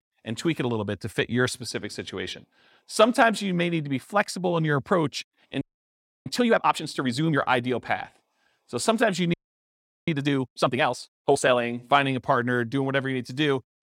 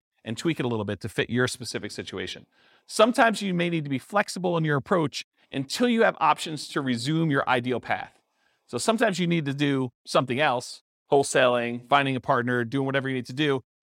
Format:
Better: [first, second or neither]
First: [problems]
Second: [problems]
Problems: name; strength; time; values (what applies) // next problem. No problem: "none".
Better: second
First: audio freezing; at 5.5 s for 0.5 s and at 9.5 s for 0.5 s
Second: none